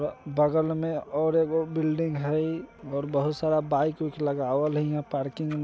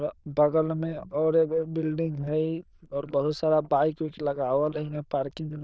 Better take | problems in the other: first | noise reduction (neural diffusion model UNIVERSE++)

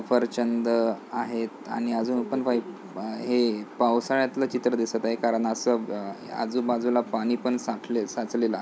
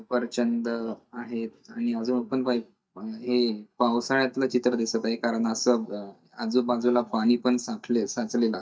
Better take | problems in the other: first | noise reduction (neural mask model DeepFilterNet 3)

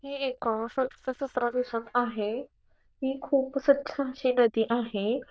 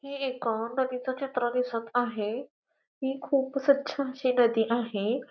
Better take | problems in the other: second | noise reduction (neural diffusion model UNIVERSE++)

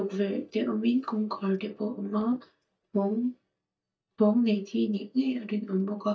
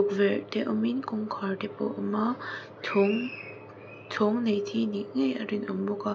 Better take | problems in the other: second | noise reduction (neural mask model DeepFilterNet 3)

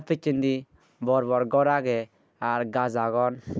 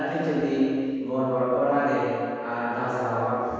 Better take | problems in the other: first | room echo; dies away in 2.1 s

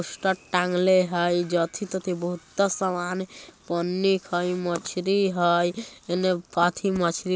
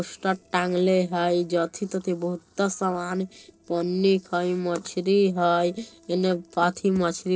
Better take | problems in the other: first | noise reduction (neural separator model SepFormer DNS4)

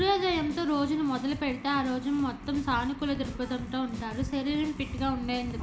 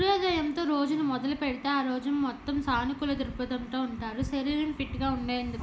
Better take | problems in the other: second | background sound (Drum kit); 14 dB below the speech

